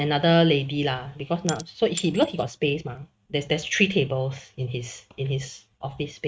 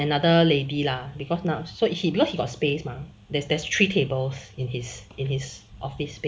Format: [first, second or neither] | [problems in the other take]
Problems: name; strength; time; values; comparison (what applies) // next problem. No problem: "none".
second | noise reduction (neural mask model RNNoise)